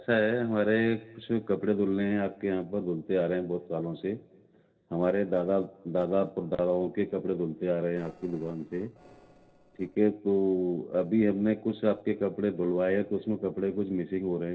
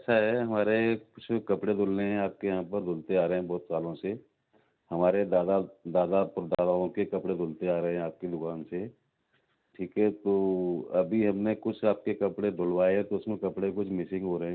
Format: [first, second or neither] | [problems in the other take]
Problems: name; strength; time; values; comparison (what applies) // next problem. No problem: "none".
second | noise reduction (neural separator model SepFormer DNS4)